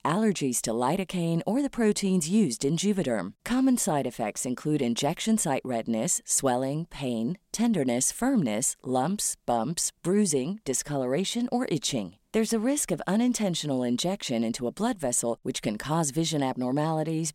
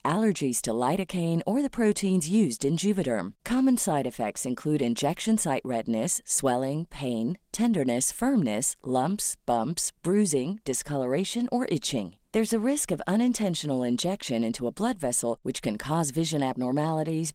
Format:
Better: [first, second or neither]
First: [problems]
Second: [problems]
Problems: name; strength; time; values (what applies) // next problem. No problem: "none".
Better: first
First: none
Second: garbled, watery; slightly; nothing above 16 kHz